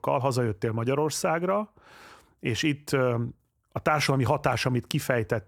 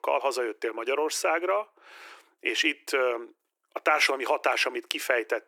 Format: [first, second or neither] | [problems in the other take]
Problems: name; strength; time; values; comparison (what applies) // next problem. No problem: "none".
first | thin; very; fading below 350 Hz